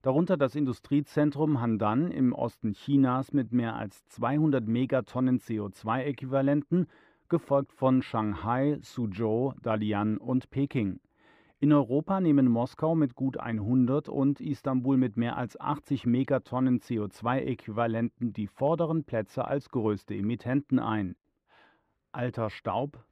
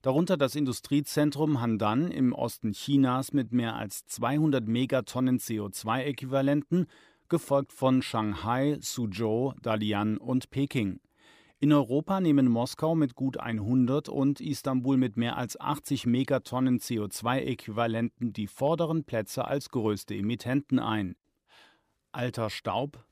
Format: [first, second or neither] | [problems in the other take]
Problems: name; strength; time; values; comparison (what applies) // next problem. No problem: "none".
second | muffled; very; fading above 3.5 kHz